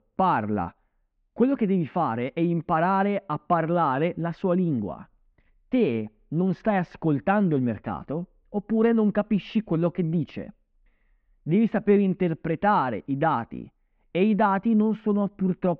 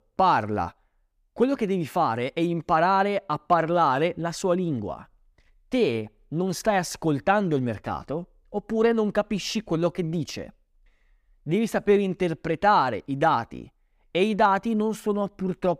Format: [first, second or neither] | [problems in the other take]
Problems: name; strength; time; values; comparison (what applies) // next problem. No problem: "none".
second | muffled; very; fading above 3 kHz